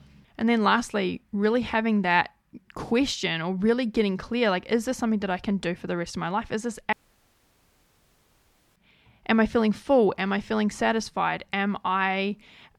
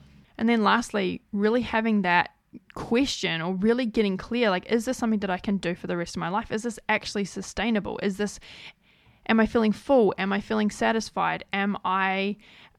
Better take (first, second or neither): second